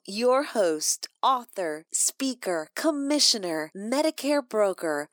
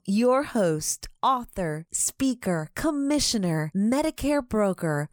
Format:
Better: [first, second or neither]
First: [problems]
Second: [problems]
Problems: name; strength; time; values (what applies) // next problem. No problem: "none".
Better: second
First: thin; very slightly; fading below 300 Hz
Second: none